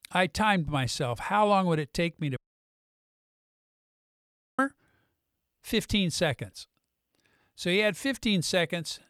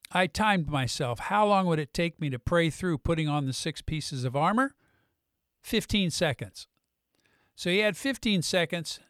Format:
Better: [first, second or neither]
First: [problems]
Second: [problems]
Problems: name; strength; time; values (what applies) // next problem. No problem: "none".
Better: second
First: audio cutting out; at 2.5 s for 2 s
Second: none